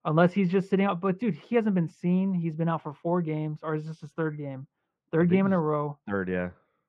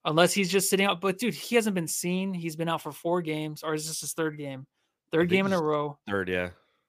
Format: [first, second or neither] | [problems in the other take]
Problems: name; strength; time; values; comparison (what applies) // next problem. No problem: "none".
second | muffled; very; fading above 1.5 kHz